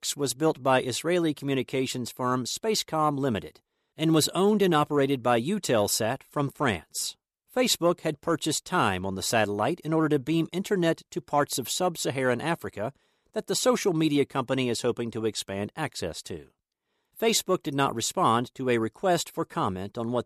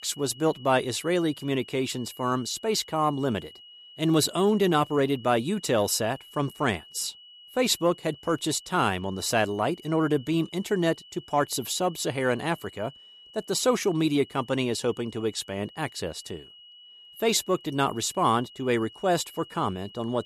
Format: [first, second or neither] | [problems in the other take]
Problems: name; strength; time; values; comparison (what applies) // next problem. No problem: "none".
first | high-pitched whine; faint; throughout; 3 kHz, 20 dB below the speech